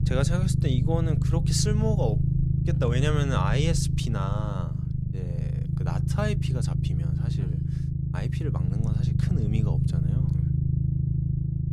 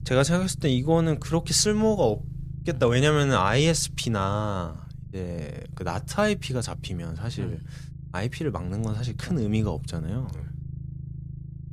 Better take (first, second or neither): second